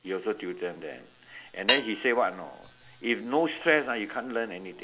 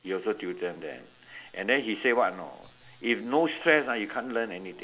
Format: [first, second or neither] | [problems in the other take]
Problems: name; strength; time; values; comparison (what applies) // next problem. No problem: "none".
second | background sound (Cutlery, silverware / Dishes, pots, and pans); 6 dB below the speech